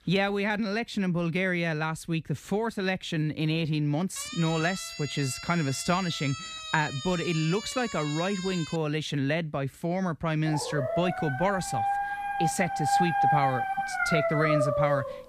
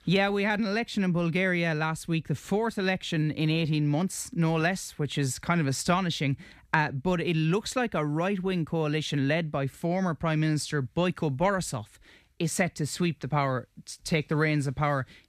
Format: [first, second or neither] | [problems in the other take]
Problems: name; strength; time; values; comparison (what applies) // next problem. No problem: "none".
second | siren; noticeable; from 4 to 9 s; peak 7 dB below the speech // dog barking; loud; from 10 s on; peak 5 dB above the speech